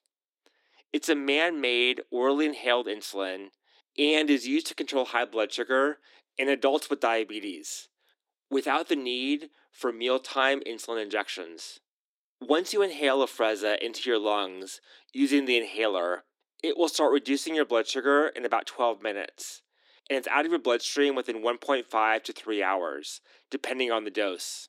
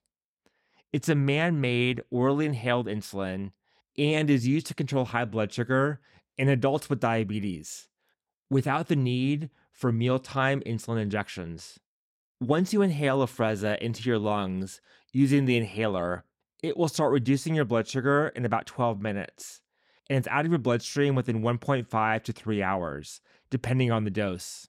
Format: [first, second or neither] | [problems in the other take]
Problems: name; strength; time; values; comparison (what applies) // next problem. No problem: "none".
second | thin; somewhat; fading below 300 Hz